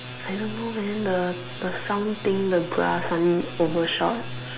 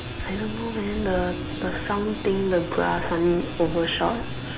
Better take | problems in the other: first | background sound (Bird vocalization, bird call, bird song); 9 dB below the speech

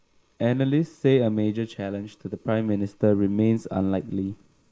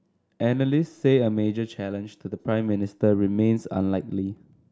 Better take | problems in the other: second | noise reduction (neural mask model Resemble Enhance denoiser)

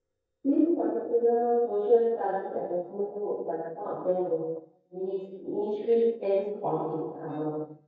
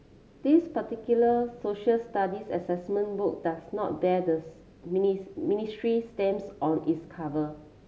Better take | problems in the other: second | noise reduction (neural mask model DeepFilterNet 3)

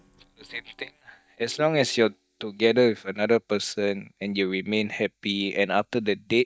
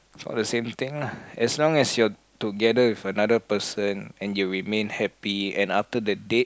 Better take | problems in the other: second | noise reduction (neural mask model DeepFilterNet 3)

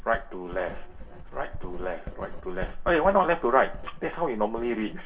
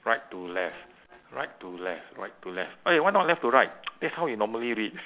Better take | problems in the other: second | background sound (Writing); 8 dB below the speech // room echo; dies away in 0.2 s

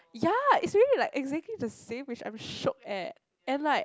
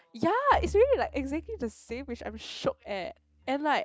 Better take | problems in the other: first | noise reduction (neural mask model RNNoise)

